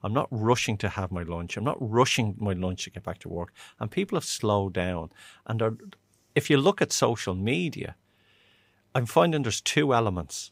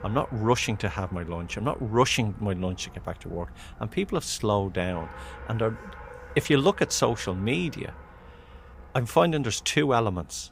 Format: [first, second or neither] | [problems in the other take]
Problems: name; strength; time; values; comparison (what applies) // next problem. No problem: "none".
first | traffic noise; noticeable; throughout; 20 dB below the speech